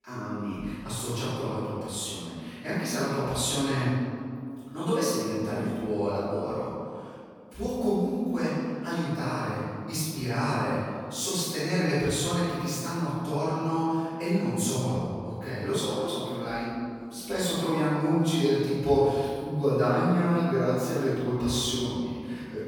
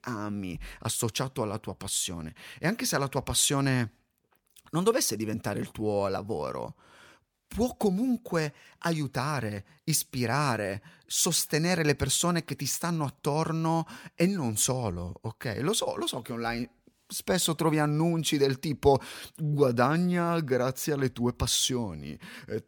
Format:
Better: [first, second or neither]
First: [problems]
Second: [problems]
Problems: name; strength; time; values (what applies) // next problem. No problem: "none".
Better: second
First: room echo; strong; dies away in 2.1 s // off-mic speech; far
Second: none